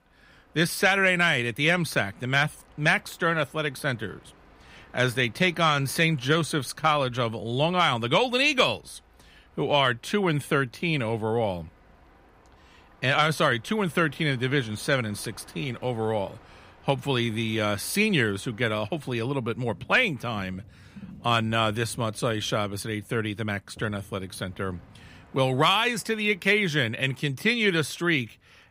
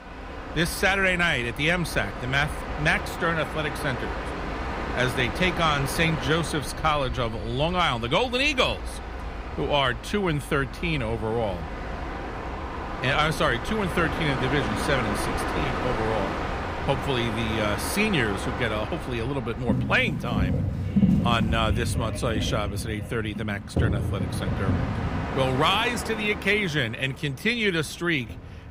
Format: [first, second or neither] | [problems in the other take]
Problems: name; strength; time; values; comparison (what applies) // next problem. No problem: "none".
first | train or aircraft noise; loud; throughout; 5 dB below the speech; faint in the first